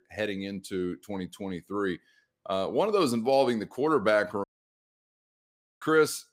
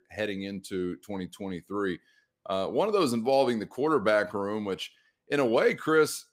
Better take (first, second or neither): second